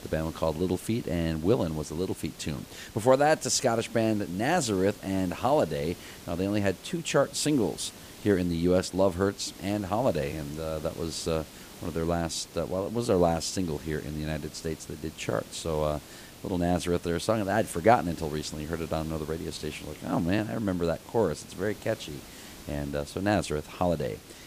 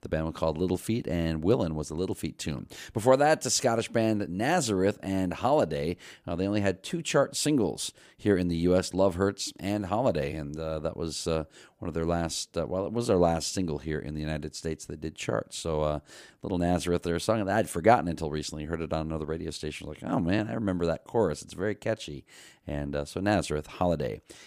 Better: second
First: hiss; noticeable; throughout; 20 dB below the speech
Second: none

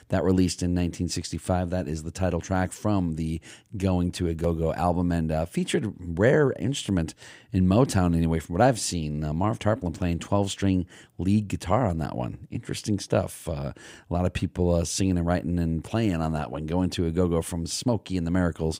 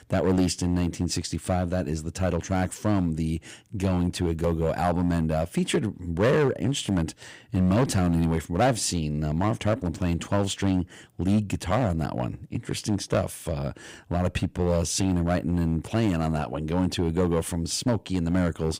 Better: first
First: none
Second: distortion; slight; 5% of the sound clipped

